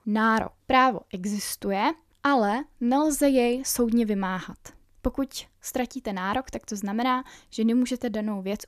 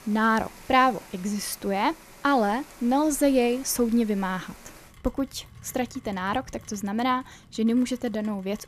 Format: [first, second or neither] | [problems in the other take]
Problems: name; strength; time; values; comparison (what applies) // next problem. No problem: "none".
first | rain or running water; faint; throughout; 20 dB below the speech